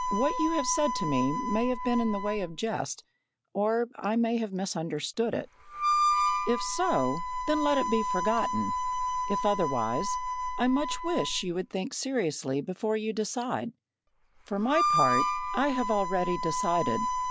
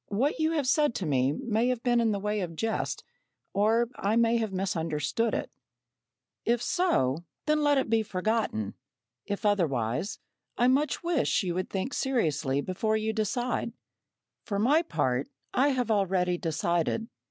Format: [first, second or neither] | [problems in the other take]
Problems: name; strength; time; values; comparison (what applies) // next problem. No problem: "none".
second | background sound (Harmonica); 2 dB below the speech